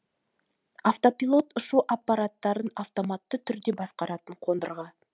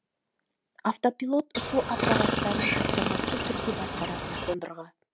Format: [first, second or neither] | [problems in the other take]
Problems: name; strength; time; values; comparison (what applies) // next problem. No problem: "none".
first | background sound (Chirp, tweet); 3 dB above the speech